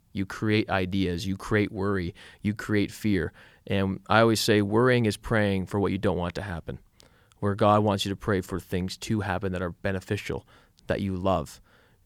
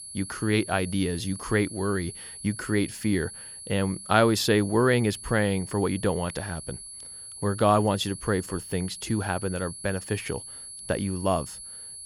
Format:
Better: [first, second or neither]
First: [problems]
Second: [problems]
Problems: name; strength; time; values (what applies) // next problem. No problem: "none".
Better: first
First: none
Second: high-pitched whine; noticeable; throughout; 10.5 kHz, 10 dB below the speech